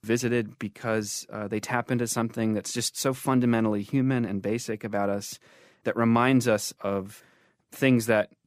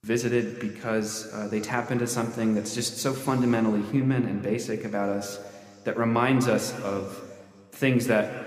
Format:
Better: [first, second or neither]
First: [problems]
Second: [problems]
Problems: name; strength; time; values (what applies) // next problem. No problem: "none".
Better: first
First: none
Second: room echo; very slight; dies away in 2.2 s